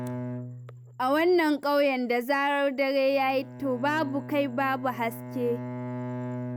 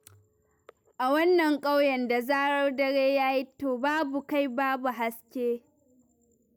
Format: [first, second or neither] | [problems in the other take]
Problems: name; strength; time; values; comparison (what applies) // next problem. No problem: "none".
second | background sound (Bowed string instrument); 11 dB below the speech